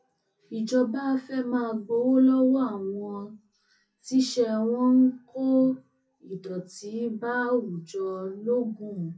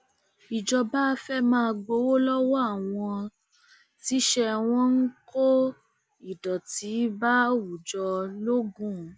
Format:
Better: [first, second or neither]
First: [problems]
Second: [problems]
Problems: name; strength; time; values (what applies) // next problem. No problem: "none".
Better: second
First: room echo; dies away in 0.3 s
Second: none